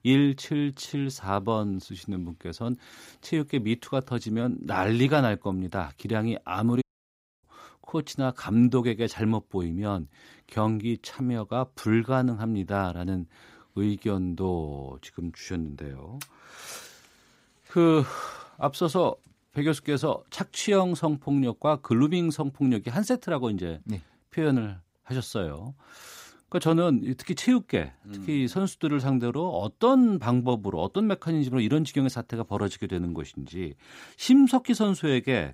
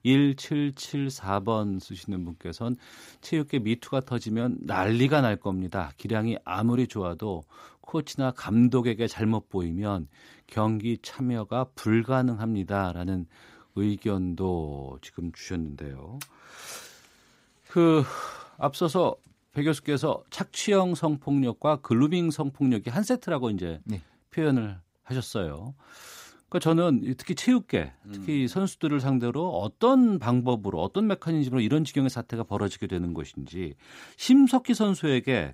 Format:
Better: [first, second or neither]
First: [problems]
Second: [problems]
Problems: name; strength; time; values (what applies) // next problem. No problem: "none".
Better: second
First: audio cutting out; at 7 s for 0.5 s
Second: none